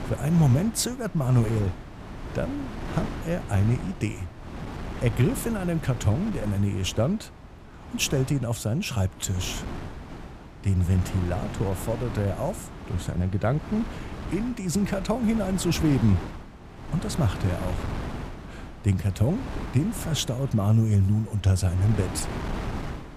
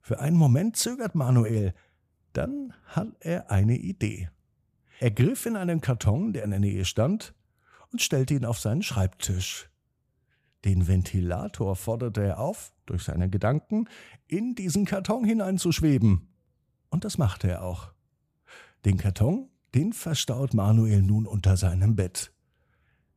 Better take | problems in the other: second | wind noise on the microphone; heavy; 8 dB below the speech

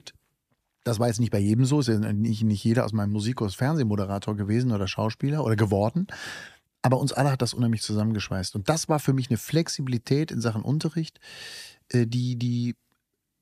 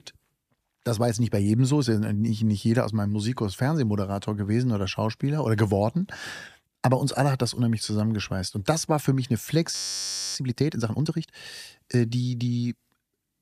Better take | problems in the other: first | audio freezing; at 9.5 s for 0.5 s

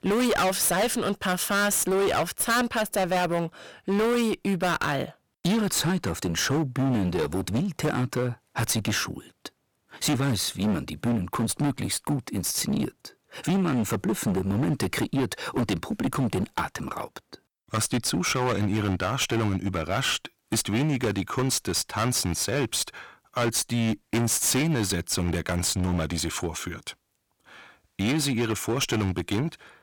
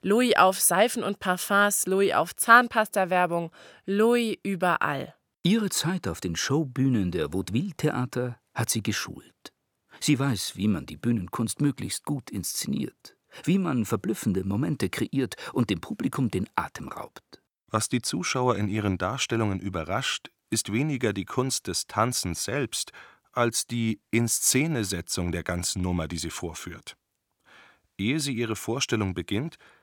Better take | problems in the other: second | distortion; heavy; 19% of the sound clipped

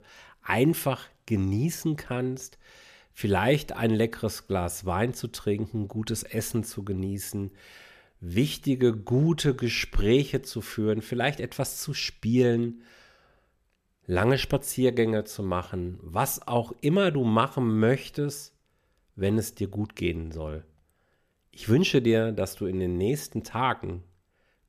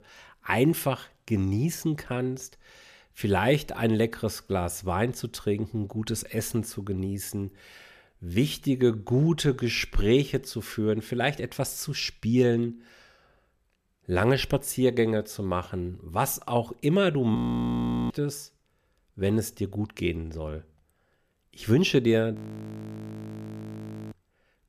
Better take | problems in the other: first | audio freezing; at 17 s for 1 s and at 22 s for 2 s

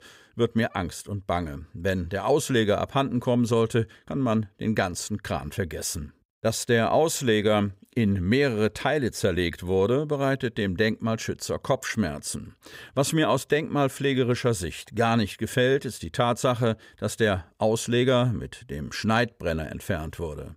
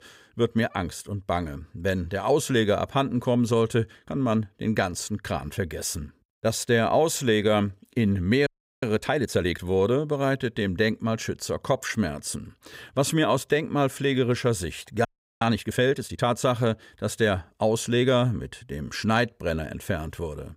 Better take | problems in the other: first | audio freezing; at 8.5 s and at 15 s

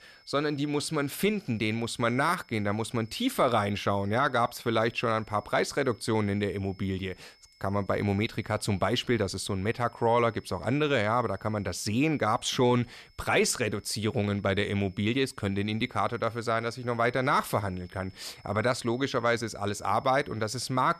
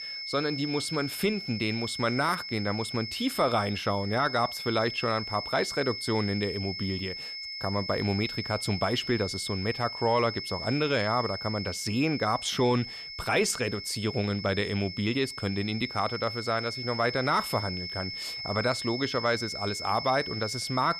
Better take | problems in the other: first | high-pitched whine; loud; throughout; 5 kHz, 6 dB below the speech; faint in the first

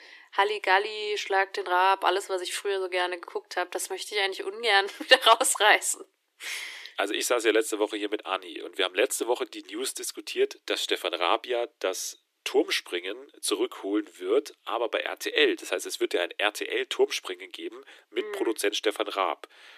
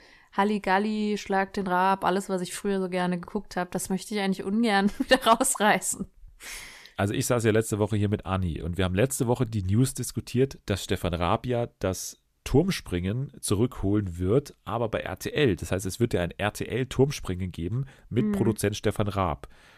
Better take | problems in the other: second | thin; very; fading below 300 Hz

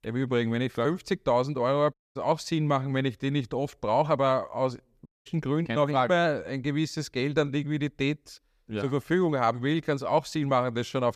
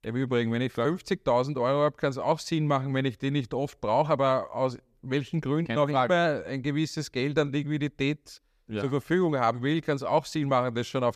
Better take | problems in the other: second | audio cutting out; at 2 s and at 5 s

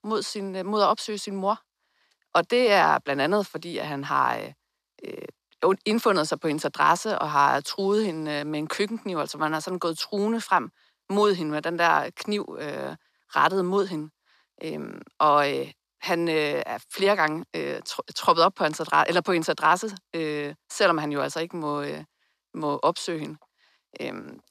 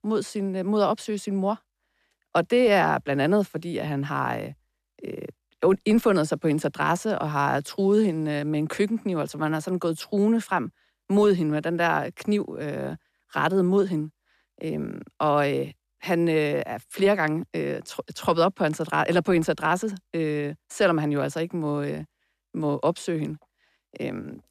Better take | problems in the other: second | thin; somewhat; fading below 400 Hz

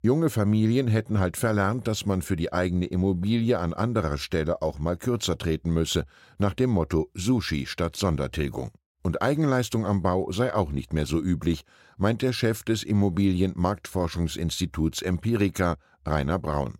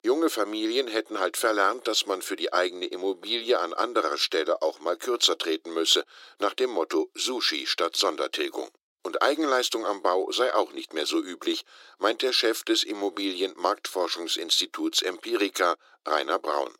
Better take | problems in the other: first | thin; very; fading below 300 Hz

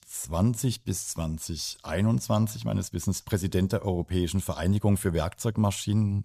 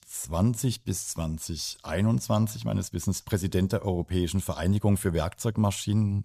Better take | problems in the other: neither | none

